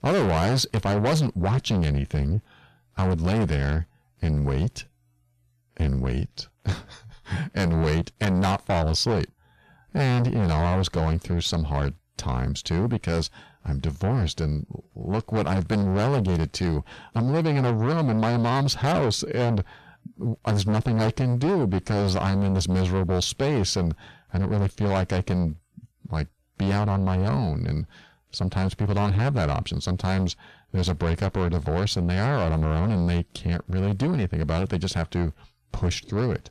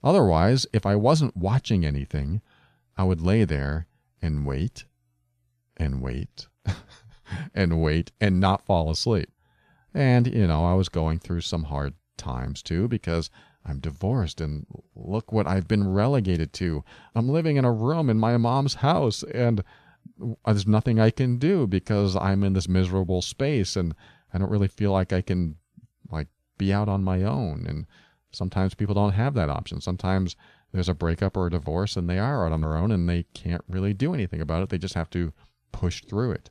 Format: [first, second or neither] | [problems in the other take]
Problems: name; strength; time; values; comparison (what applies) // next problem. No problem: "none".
second | distortion; heavy; 6 dB below the speech